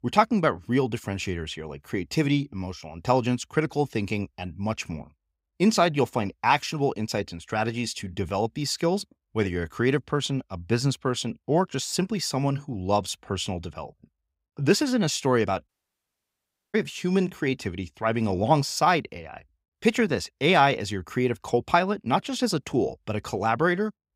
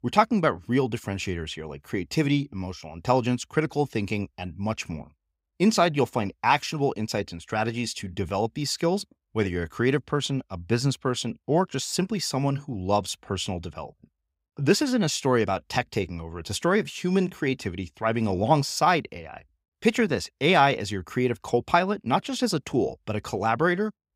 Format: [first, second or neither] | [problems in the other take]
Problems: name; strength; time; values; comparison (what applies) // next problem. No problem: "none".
second | audio cutting out; at 16 s for 1 s